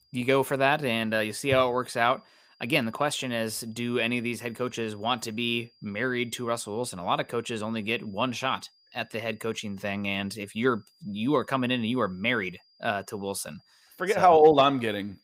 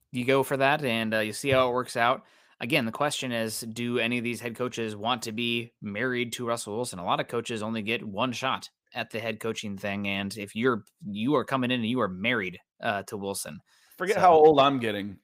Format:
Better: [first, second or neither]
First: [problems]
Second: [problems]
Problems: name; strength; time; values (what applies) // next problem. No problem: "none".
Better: second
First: high-pitched whine; faint; throughout; 5 kHz, 35 dB below the speech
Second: none